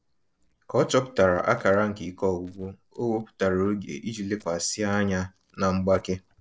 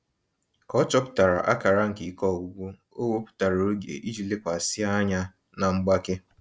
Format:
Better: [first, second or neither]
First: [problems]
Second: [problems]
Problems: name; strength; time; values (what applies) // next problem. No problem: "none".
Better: second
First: noise reduction (neural separator model SepFormer DNS4)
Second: none